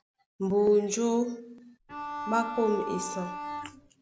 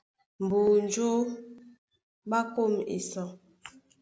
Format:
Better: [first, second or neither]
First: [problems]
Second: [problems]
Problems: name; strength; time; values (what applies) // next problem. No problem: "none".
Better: second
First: background sound (Bowed string instrument); 7 dB below the speech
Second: none